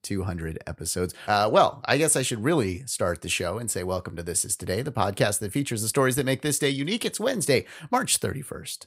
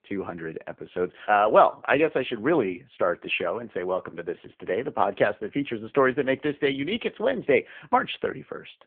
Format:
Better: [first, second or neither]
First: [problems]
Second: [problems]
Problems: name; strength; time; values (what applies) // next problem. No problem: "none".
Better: first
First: none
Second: phone-call audio; poor line